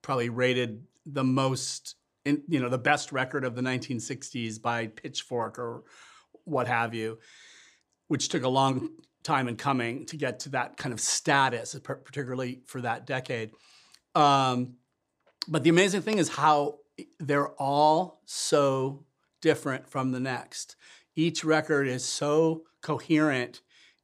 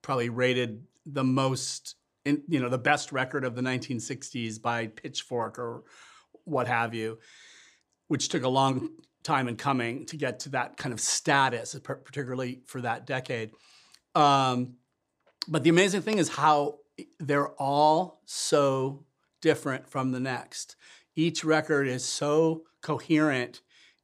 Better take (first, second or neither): neither